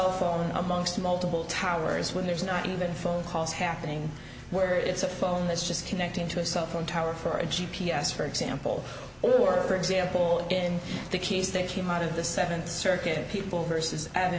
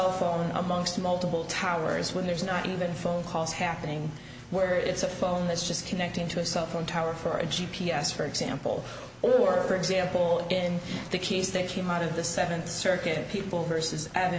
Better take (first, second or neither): second